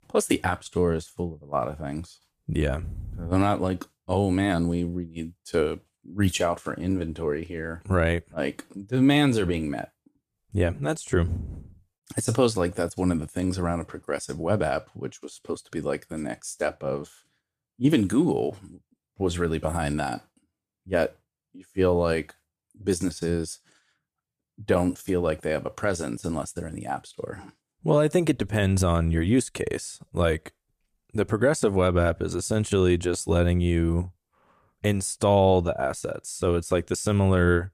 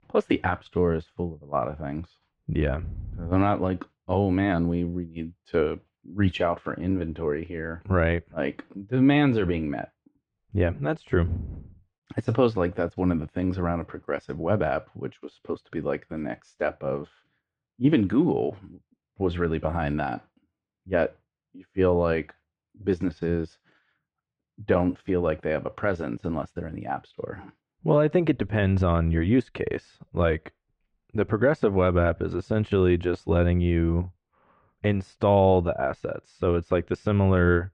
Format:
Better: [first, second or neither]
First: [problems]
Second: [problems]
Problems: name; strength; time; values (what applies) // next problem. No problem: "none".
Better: first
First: none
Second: muffled; very; fading above 3 kHz